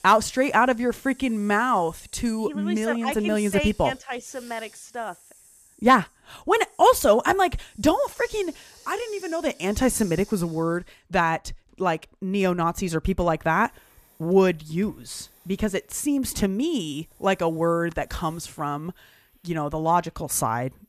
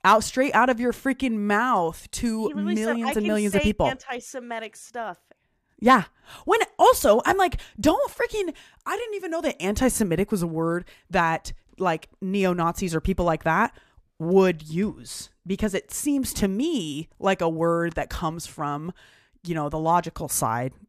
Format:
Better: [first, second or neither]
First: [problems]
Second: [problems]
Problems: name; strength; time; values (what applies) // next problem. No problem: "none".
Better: second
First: hiss; faint; throughout; 25 dB below the speech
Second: none